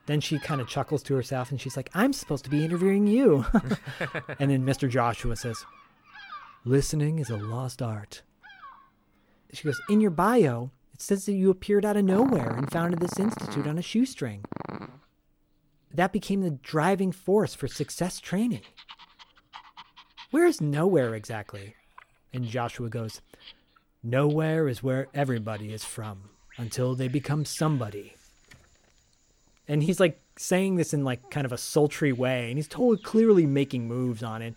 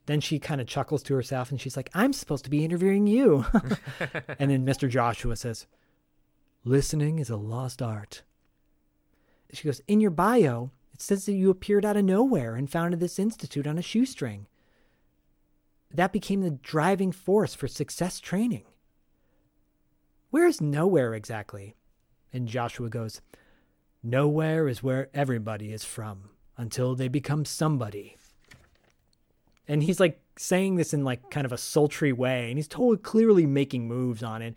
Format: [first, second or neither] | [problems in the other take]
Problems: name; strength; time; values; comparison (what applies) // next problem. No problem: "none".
second | animal sounds; noticeable; throughout; 15 dB below the speech